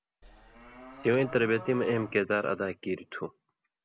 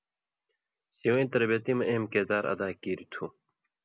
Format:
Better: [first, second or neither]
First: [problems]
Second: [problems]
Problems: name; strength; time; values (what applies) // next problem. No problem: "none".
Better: second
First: background sound (Livestock, farm animals, working animals); 16 dB below the speech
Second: none